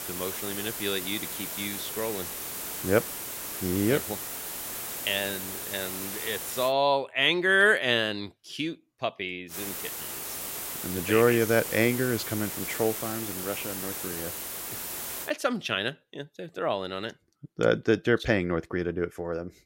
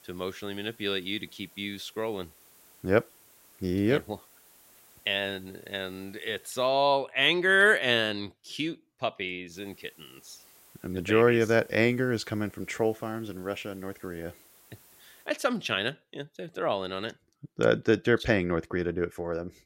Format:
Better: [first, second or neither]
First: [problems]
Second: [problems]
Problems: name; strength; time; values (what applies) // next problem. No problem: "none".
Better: second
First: hiss; loud; until 6.5 s and from 9.5 to 15 s; 6 dB below the speech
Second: hiss; faint; until 6.5 s and from 9.5 to 15 s; 25 dB below the speech